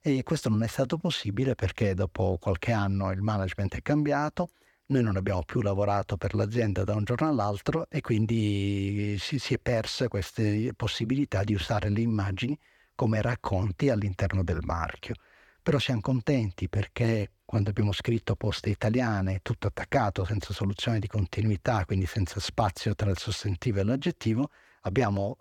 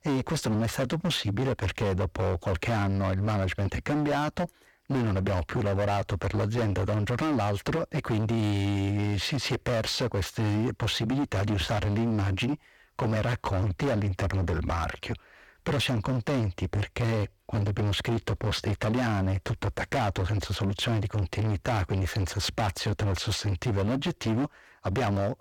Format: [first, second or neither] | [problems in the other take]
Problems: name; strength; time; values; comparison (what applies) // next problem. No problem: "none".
first | distortion; heavy; 29% of the sound clipped